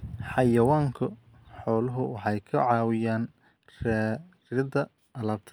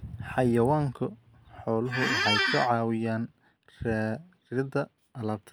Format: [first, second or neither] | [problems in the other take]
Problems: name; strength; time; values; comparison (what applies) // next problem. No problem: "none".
first | background sound (Squeak); 2 dB above the speech